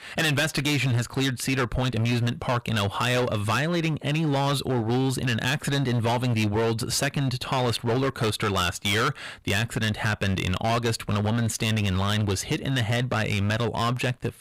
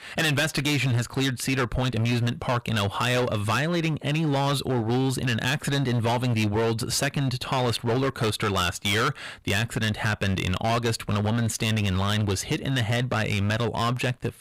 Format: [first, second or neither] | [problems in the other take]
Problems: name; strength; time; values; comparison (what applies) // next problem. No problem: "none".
neither | distortion; heavy; 19% of the sound clipped; the same in both